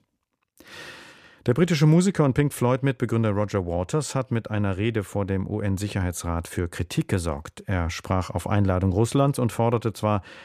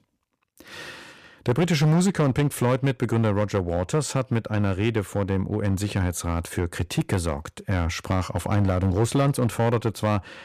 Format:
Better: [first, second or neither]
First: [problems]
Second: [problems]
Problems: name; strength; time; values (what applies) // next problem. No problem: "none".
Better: first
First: none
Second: distortion; slight; 6% of the sound clipped